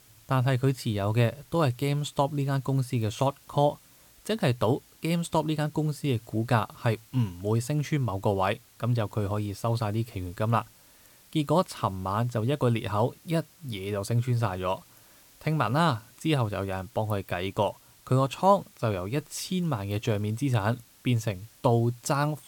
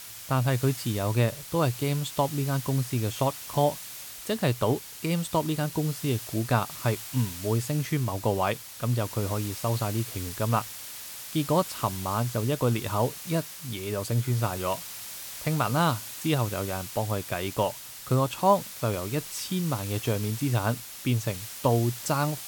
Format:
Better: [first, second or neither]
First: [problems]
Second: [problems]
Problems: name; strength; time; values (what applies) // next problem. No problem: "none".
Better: first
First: hiss; faint; throughout; 25 dB below the speech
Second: hiss; loud; throughout; 9 dB below the speech